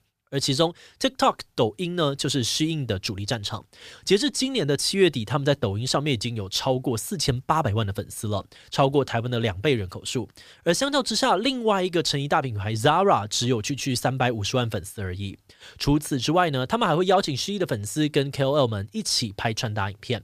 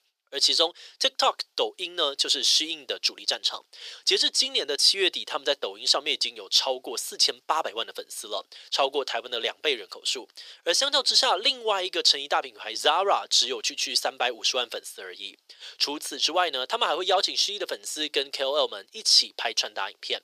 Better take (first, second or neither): first